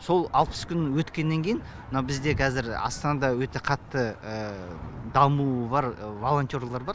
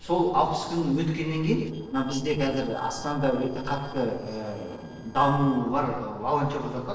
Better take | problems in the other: first | noise reduction (neural separator model SepFormer DNS4)

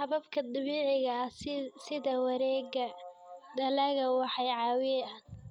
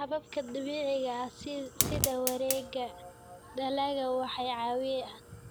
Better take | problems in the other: first | background sound (Fire); 6 dB below the speech

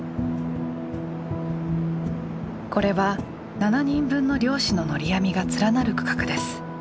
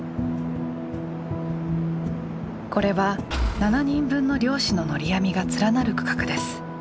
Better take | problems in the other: first | background sound (Engine / Car); 5 dB below the speech

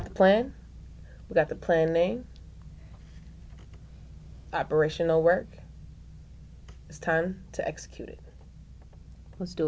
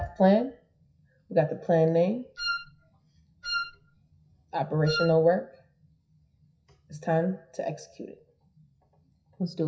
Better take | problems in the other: first | noise reduction (classical method WPE with log-MMSE)

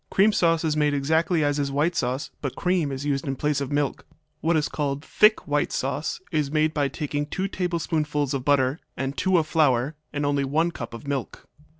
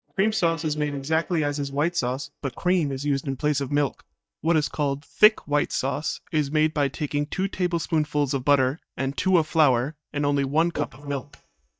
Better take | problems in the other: first | noise reduction (neural mask model DeepFilterNet 3)

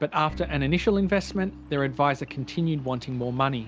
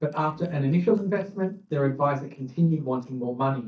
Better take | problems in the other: first | noise reduction (neural mask model DeepFilterNet 3)

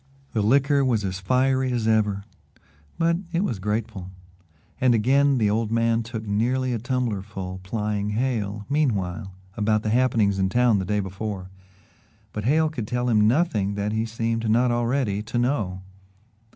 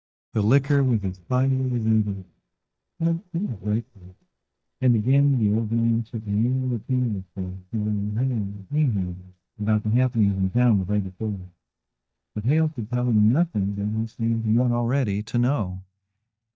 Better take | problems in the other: first | noise reduction (neural mask model DeepFilterNet 3)

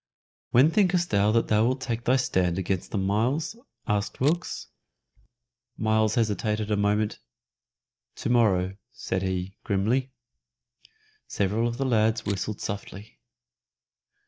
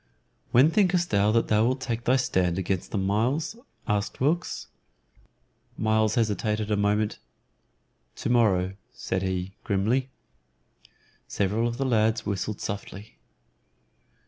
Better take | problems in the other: second | noise reduction (neural mask model DeepFilterNet 3)

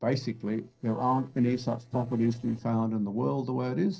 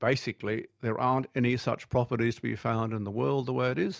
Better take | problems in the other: second | noise reduction (neural separator model SepFormer DNS4)

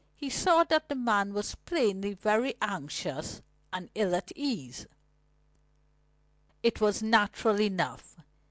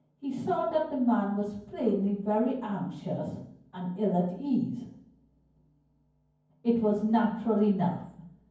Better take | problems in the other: first | room echo; dies away in 0.9 s

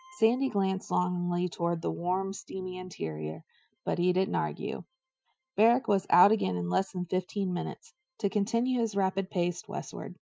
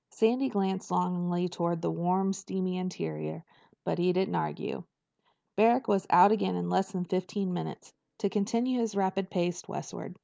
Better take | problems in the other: second | noise reduction (classical method Wiener filter)

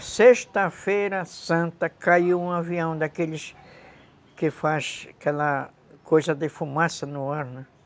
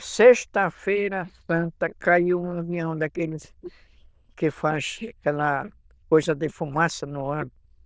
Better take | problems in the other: first | noise reduction (neural diffusion model UNIVERSE++)

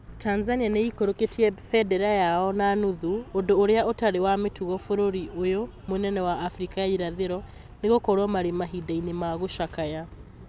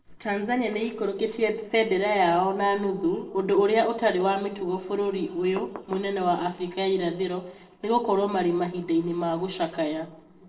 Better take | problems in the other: first | noise reduction (neural separator model SepFormer DNS4)

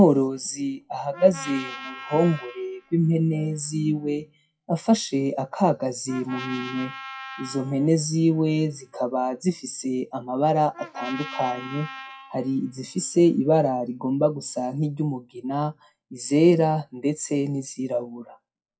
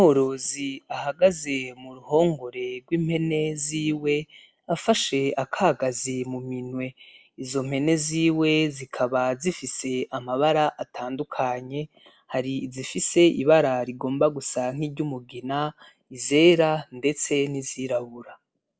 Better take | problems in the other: second | noise reduction (classical method WPE with log-MMSE)

